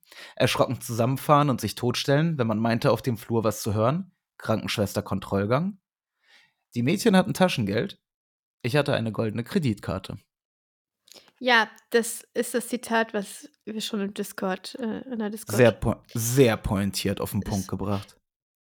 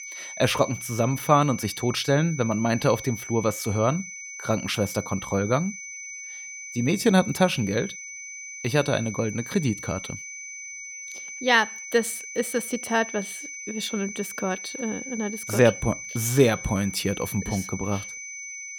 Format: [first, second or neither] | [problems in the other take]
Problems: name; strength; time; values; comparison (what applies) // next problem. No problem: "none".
first | high-pitched whine; noticeable; throughout; 2 kHz, 10 dB below the speech